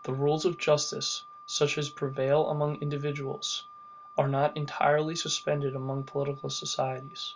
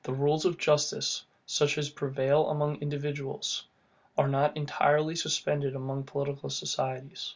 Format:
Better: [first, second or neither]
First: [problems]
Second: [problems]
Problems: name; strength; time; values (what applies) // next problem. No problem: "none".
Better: second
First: background sound (Wind instrument, woodwind instrument); 19 dB below the speech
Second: none